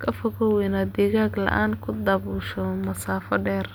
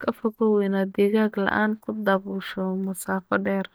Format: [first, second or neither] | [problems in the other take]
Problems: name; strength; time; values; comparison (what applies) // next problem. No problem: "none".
first | noise reduction (neural mask model DeepFilterNet 3)